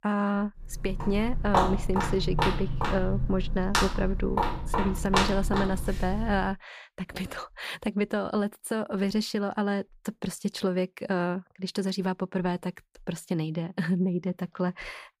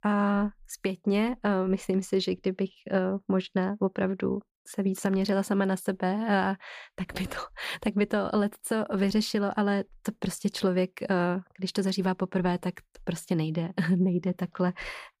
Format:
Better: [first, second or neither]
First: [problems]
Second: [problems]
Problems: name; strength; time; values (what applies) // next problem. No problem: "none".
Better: second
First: footsteps; loud; from 0.5 to 6.5 s; peak 4 dB above the speech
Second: none